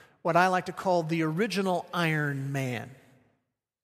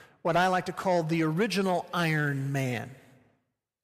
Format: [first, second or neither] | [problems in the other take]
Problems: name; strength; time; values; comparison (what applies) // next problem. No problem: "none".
first | distortion; slight; 10 dB below the speech